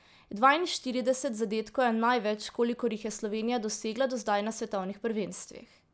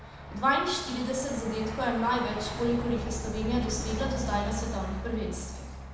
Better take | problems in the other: first | background sound (Truck); 5 dB below the speech // room echo; dies away in 1 s

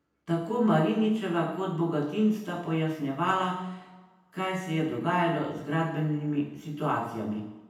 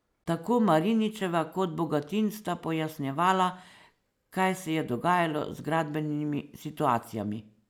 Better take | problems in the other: second | room echo; dies away in 0.9 s

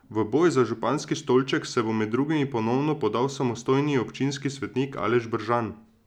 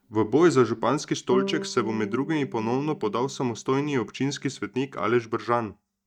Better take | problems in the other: first | noise reduction (neural mask model DeepFilterNet 3)

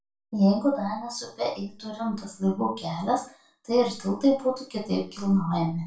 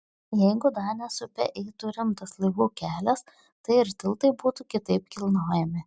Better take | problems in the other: second | room echo; dies away in 0.3 s

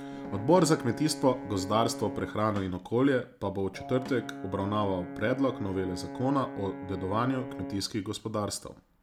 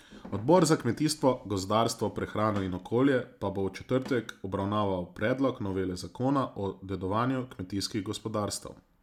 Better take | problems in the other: second | background sound (Brass instrument); 12 dB below the speech

